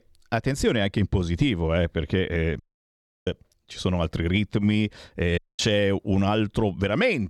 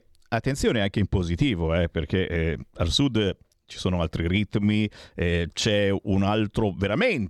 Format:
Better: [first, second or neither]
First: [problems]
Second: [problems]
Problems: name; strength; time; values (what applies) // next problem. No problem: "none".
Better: second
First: audio cutting out; at 2.5 s for 0.5 s and at 5.5 s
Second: none